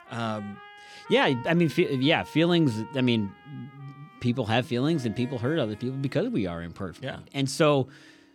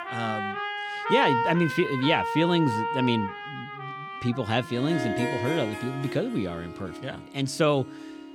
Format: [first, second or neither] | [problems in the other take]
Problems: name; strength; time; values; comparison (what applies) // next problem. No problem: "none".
first | background music; loud; throughout; 4 dB below the speech; faint in the first